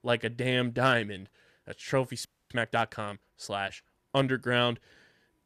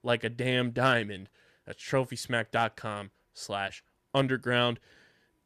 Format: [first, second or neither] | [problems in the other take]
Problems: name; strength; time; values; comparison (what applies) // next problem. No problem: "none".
second | audio freezing; at 2.5 s